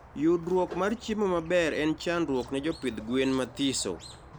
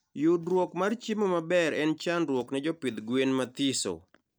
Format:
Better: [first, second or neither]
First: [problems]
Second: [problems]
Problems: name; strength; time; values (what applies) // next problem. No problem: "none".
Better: second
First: background sound (Squeak); 18 dB below the speech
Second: none